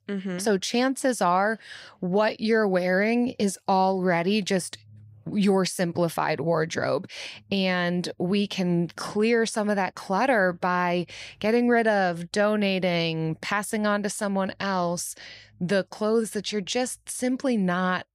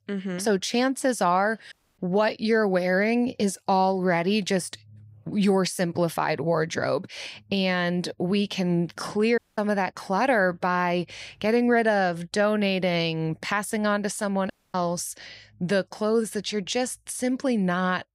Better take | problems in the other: first | audio cutting out; at 1.5 s, at 9.5 s and at 15 s

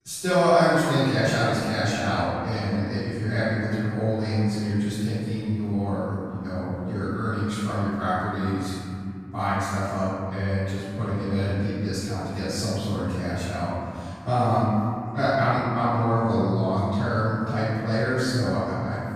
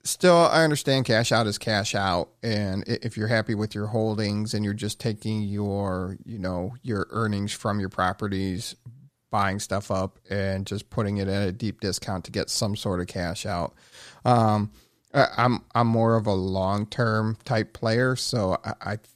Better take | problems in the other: second | room echo; strong; dies away in 2.6 s // off-mic speech; far

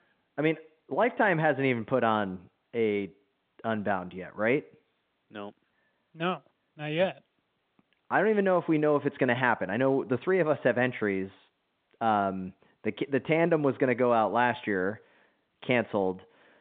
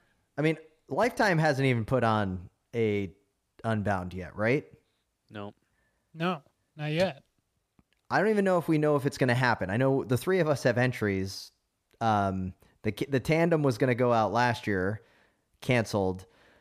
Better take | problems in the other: second | phone-call audio

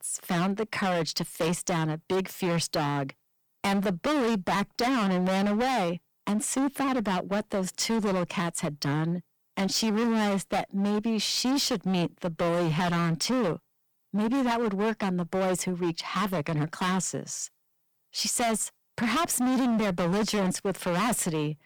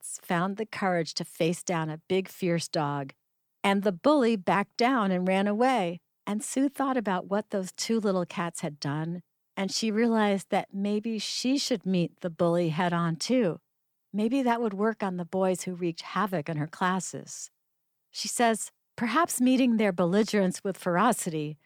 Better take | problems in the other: second | distortion; heavy; 24% of the sound clipped

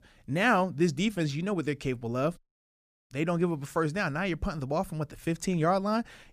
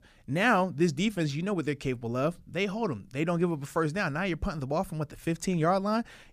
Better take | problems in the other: second | audio cutting out; at 2.5 s for 0.5 s

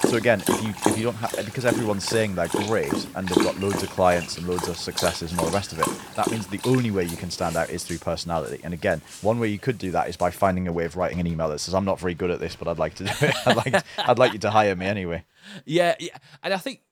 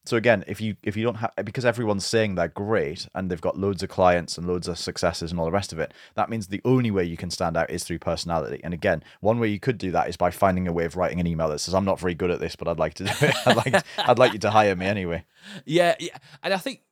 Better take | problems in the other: second | animal sounds; loud; throughout; 4 dB below the speech

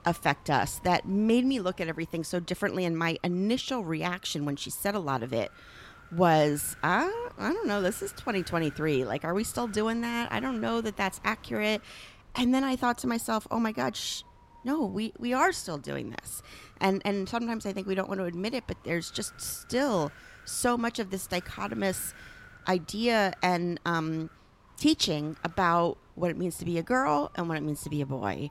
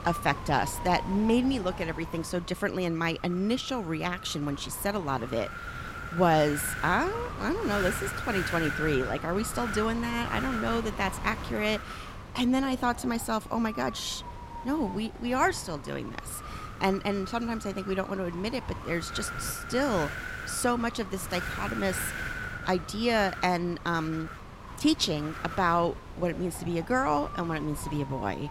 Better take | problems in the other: first | wind noise on the microphone; heavy; 7 dB below the speech; occasional gusts in the first

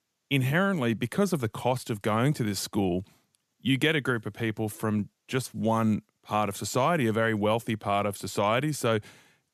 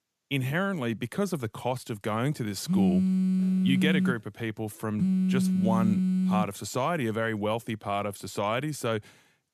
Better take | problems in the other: first | phone ringing; loud; from 2.5 to 6.5 s; peak 6 dB above the speech

